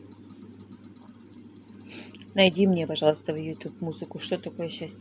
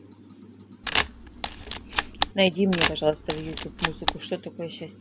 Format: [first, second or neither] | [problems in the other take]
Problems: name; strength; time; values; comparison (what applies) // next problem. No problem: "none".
first | background sound (Camera); as loud as the speech